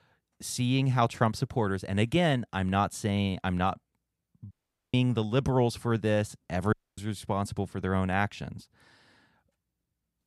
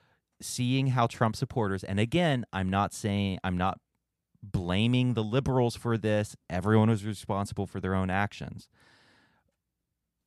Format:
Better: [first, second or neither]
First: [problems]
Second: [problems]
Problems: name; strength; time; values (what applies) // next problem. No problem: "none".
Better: second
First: audio cutting out; at 4.5 s and at 6.5 s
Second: none